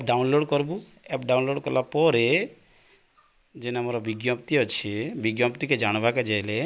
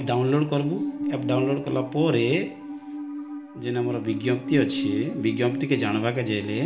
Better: first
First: none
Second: background sound (Musical instrument); 5 dB below the speech // room echo; dies away in 0.4 s

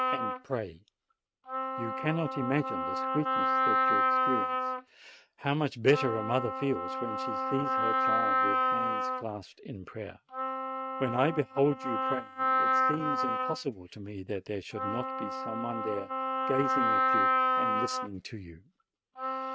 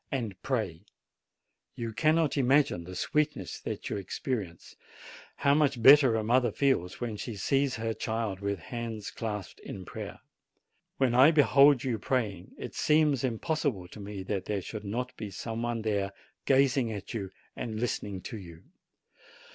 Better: second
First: noise reduction (neural mask model RNNoise)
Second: none

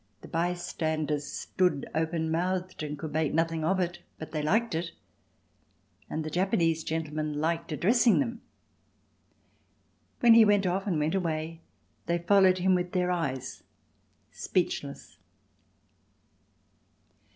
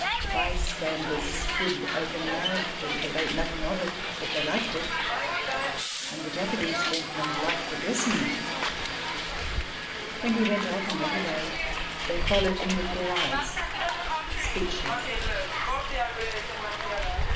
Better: first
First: none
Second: background sound (Hiss); 3 dB above the speech // room echo; dies away in 0.9 s

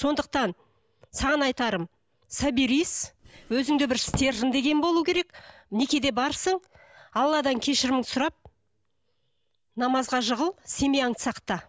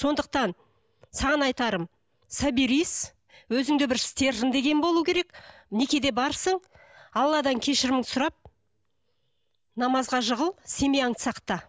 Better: second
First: background sound (Drawer open or close); 11 dB below the speech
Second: none

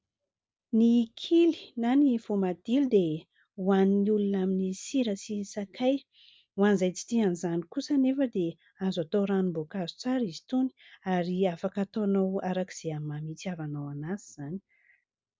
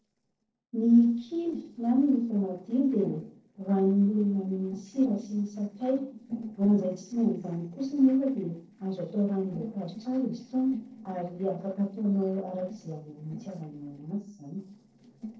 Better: first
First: none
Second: noise reduction (neural separator model SepFormer DNS4)

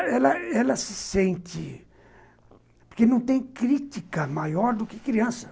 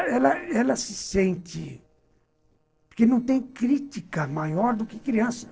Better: first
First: none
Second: noise reduction (neural separator model SepFormer DNS4)

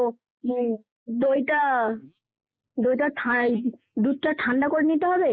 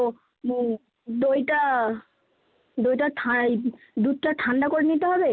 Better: second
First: noise reduction (neural mask model Resemble Enhance denoiser)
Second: none

